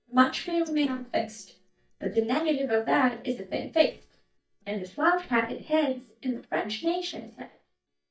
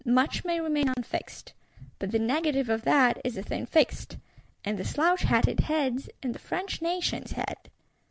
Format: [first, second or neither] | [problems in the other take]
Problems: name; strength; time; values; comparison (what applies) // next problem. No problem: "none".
second | noise reduction (neural mask model DeepFilterNet 3)